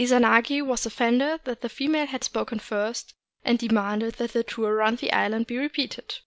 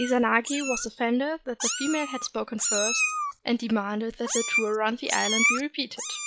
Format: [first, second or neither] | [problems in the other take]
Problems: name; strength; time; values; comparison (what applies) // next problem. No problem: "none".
first | noise reduction (classical method log-MMSE)